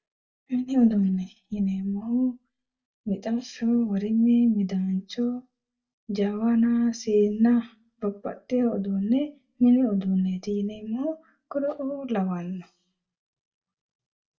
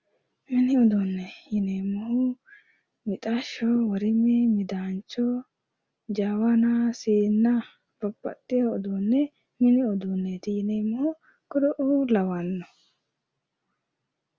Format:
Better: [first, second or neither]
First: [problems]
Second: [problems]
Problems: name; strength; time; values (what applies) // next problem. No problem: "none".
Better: second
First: noise reduction (neural mask model DeepFilterNet 3)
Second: none